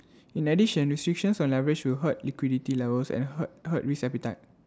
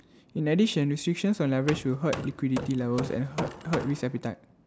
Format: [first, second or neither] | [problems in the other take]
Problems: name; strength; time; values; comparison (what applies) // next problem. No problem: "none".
first | background sound (Hammer); 10 dB below the speech